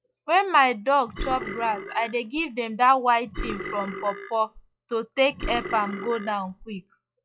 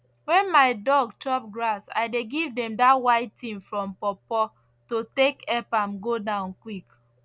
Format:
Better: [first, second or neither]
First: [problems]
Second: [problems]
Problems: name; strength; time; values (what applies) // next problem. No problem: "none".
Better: second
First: noise reduction (classical method log-MMSE)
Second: none